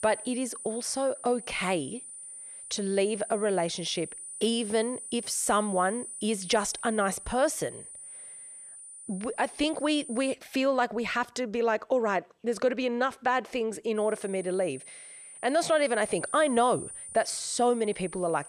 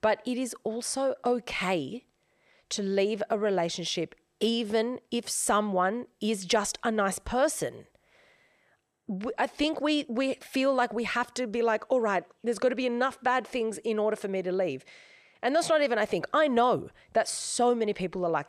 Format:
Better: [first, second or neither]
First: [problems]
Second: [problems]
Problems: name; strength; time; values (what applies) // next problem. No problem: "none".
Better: second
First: high-pitched whine; noticeable; until 10 s and from 14 s on; 9.5 kHz, 10 dB below the speech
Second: none